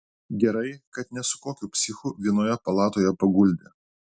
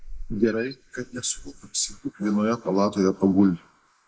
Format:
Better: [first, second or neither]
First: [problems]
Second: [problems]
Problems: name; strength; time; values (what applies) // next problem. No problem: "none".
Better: first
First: none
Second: noise reduction (neural mask model Resemble Enhance denoiser)